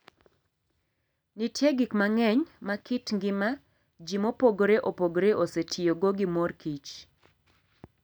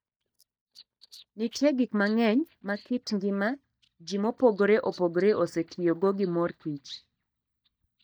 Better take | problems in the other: first | noise reduction (neural mask model DeepFilterNet 3)

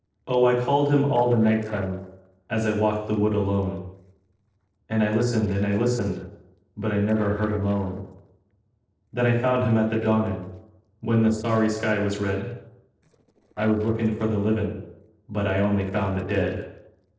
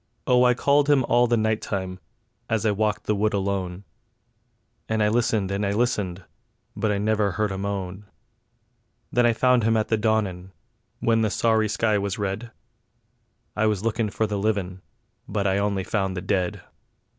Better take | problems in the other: second | noise reduction (neural separator model SepFormer DNS4)

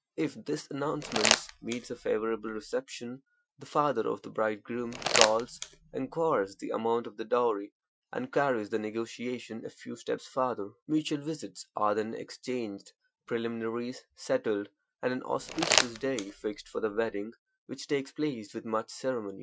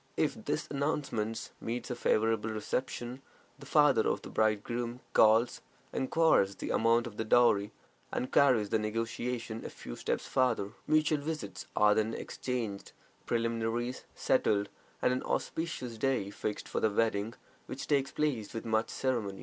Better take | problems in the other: second | noise reduction (classical method Wiener filter)

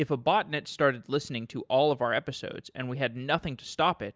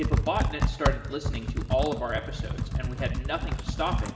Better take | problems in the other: first | background sound (Computer keyboard); 3 dB above the speech // room echo; dies away in 2.1 s

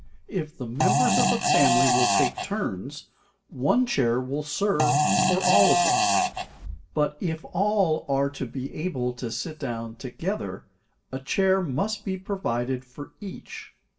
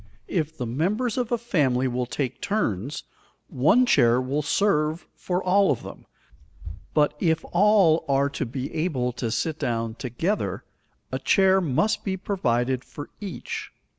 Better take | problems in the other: second | background sound (Fart); 4 dB above the speech // room echo; dies away in 0.2 s

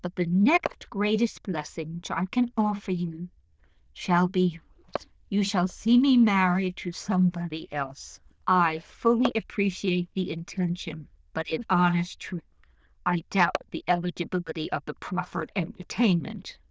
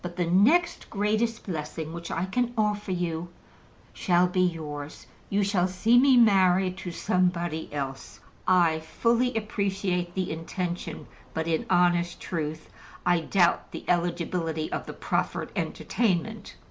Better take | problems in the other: second | noise reduction (neural diffusion model UNIVERSE++)

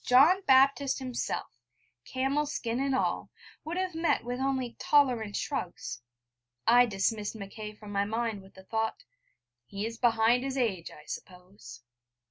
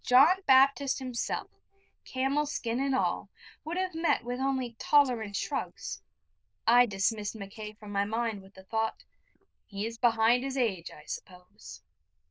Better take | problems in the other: first | noise reduction (neural diffusion model UNIVERSE++)

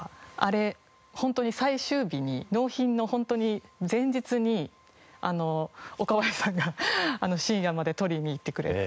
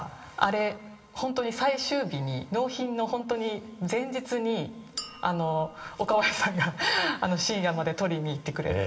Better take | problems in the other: first | background sound (Chink, clink); 17 dB below the speech // room echo; dies away in 2.1 s

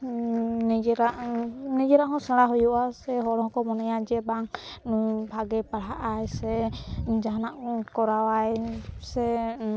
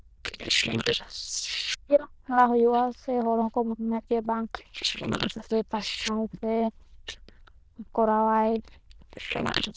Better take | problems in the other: first | noise reduction (neural diffusion model UNIVERSE++)

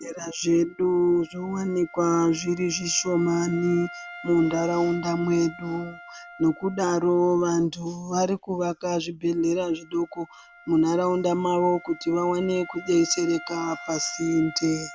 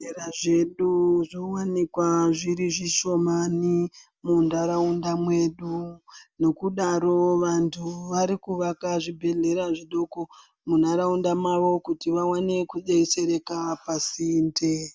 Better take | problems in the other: second | background sound (Wind instrument, woodwind instrument); 19 dB below the speech

